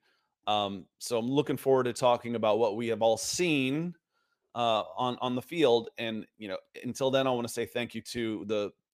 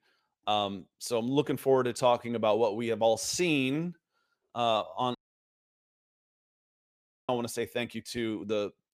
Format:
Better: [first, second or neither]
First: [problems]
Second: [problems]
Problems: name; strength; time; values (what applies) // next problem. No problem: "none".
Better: first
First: none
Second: audio cutting out; at 5 s for 2 s